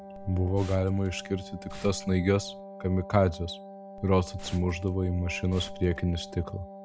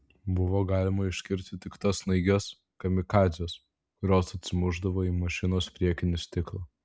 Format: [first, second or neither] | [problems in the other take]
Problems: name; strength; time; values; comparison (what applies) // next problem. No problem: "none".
second | background sound (Liquid + Wind instrument, woodwind instrument); 14 dB below the speech